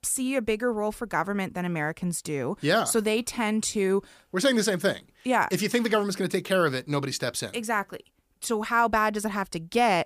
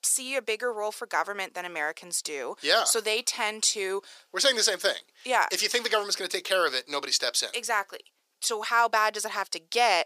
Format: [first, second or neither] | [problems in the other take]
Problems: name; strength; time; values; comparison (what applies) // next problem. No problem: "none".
first | thin; very; fading below 450 Hz